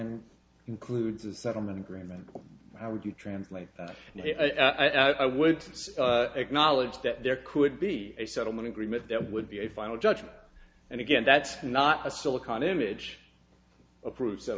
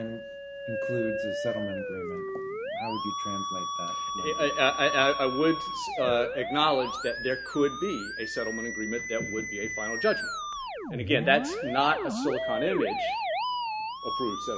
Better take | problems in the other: first | background sound (Musical instrument); 3 dB below the speech

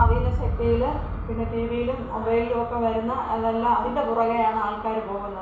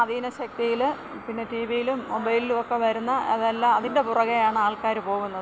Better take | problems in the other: second | background sound (Boom); 5 dB below the speech // room echo; dies away in 0.6 s

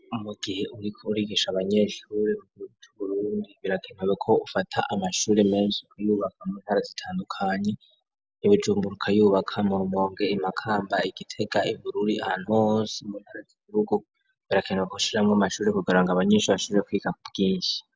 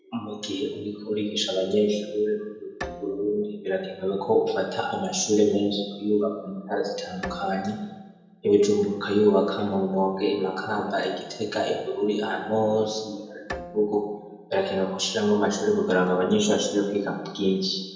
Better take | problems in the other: first | background sound (Bowed string instrument); 19 dB below the speech // room echo; dies away in 0.9 s

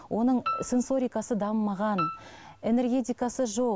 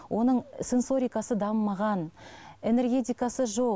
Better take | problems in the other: second | background sound (Piano); 10 dB below the speech

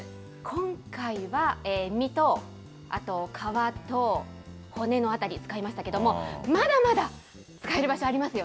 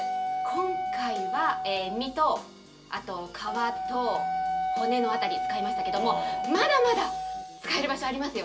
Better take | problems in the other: first | background sound (Wind instrument, woodwind instrument); 2 dB below the speech // room echo; dies away in 0.2 s

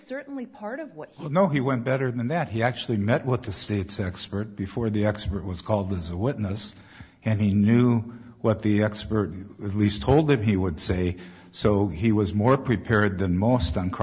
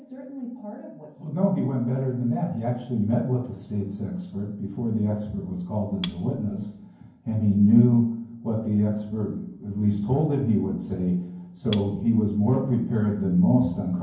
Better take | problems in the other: first | background sound (Cutlery, silverware); 16 dB below the speech // room echo; dies away in 0.9 s

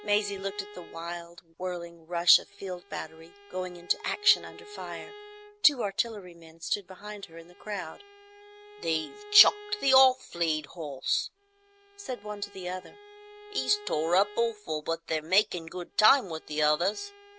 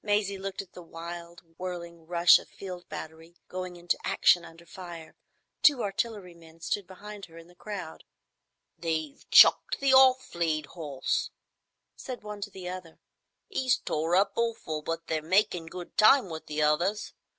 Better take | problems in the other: second | background sound (Bowed string instrument); 19 dB below the speech

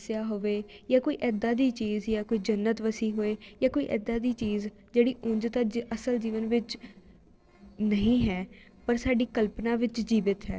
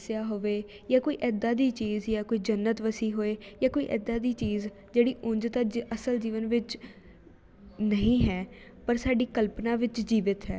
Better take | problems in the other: second | noise reduction (neural separator model SepFormer DNS4)

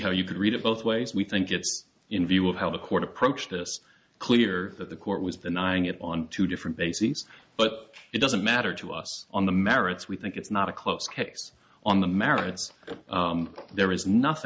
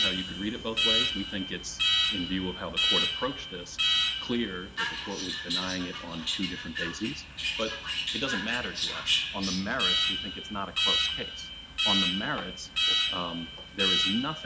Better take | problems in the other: first | background sound (Alarm); 5 dB above the speech

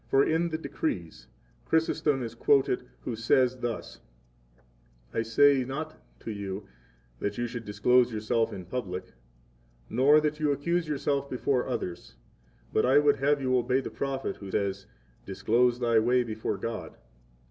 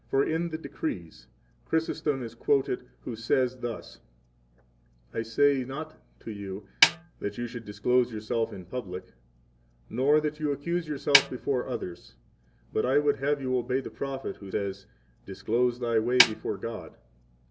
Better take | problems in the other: first | background sound (Snare drum); 1 dB above the speech

